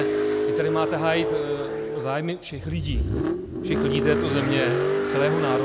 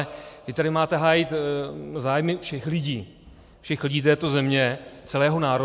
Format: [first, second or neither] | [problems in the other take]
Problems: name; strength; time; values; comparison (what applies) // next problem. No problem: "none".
second | background sound (Car); 3 dB above the speech